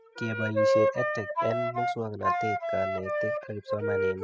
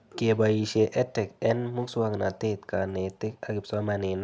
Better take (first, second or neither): second